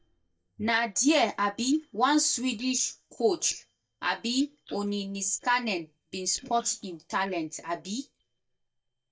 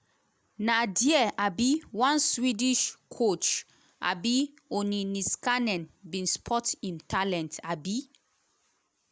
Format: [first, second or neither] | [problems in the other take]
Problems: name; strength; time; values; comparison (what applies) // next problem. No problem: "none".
second | noise reduction (neural mask model DeepFilterNet 3)